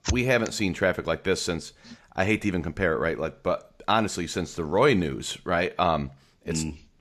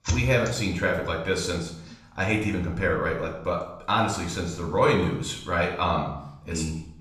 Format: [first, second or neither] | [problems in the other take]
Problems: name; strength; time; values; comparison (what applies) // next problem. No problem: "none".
first | room echo; slight; dies away in 0.6 s // off-mic speech; somewhat distant